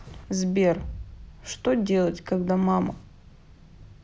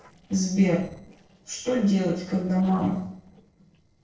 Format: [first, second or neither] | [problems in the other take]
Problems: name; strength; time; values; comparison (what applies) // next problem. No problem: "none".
first | noise reduction (neural separator model SepFormer DNS4)